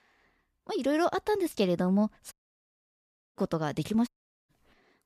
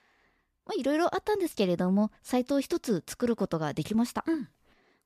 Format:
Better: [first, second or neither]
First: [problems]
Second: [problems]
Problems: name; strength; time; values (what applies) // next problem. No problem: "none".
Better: second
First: audio cutting out; at 2.5 s for 1 s and at 4 s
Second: none